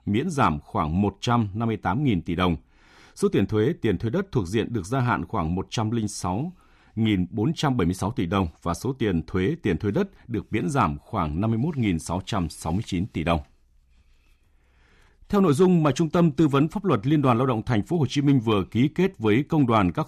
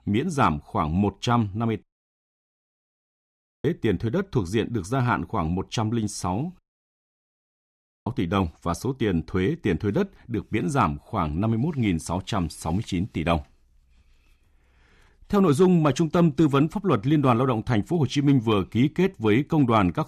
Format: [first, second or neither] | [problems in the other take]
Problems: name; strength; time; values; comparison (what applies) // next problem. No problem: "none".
first | audio cutting out; at 2 s for 2 s and at 6.5 s for 1.5 s